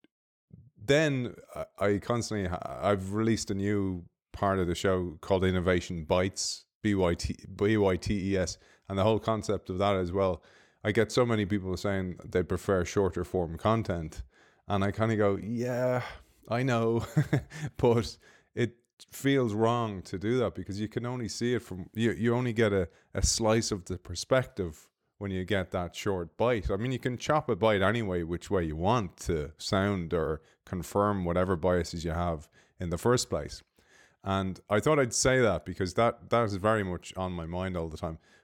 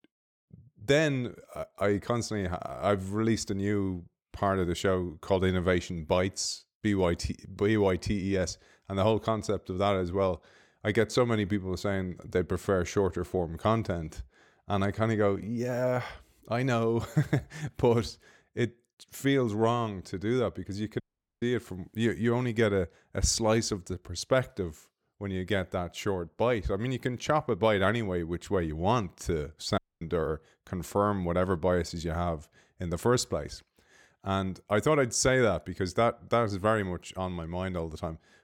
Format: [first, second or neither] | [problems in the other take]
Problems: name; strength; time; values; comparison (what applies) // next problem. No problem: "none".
first | audio cutting out; at 21 s and at 30 s